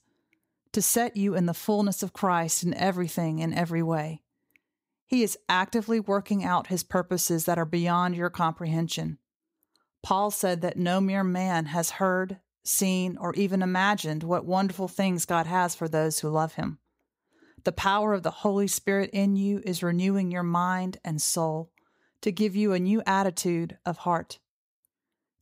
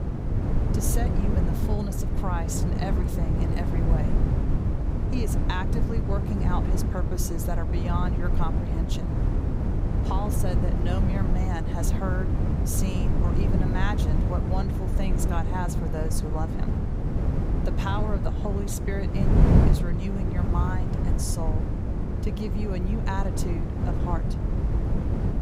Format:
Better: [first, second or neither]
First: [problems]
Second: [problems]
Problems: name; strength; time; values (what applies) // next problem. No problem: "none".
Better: first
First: none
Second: wind noise on the microphone; heavy; 1 dB below the speech